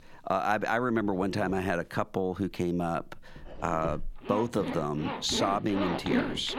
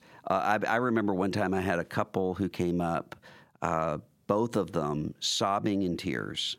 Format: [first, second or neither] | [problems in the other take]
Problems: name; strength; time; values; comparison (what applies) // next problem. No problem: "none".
second | household noises; loud; throughout; 5 dB below the speech